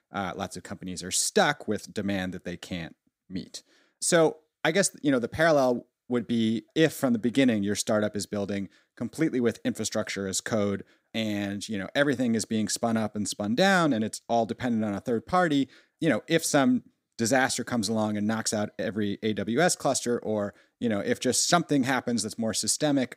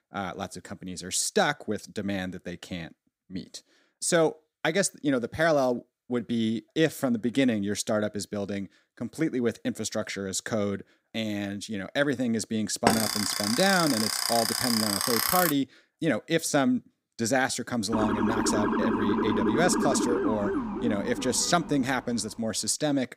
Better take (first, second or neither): first